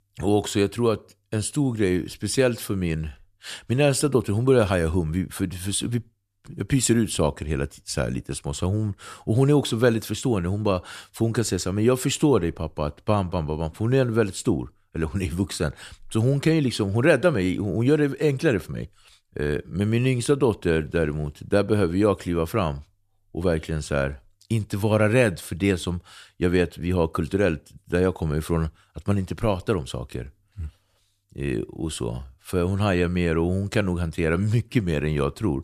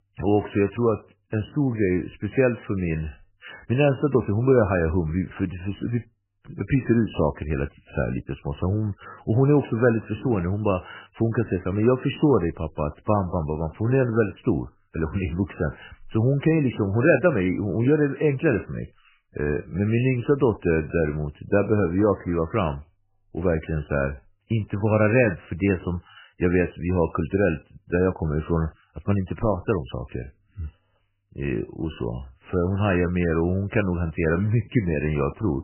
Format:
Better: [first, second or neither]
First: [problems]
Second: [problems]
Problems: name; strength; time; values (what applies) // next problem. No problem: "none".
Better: first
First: none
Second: garbled, watery; badly; nothing above 3 kHz